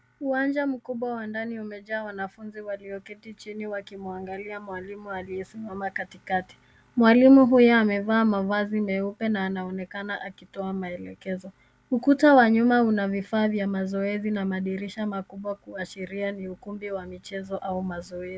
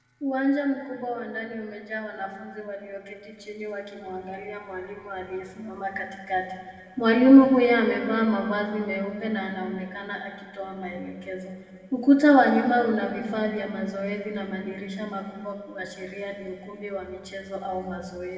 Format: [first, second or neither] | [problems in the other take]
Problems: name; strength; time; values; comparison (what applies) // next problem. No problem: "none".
first | room echo; dies away in 2.1 s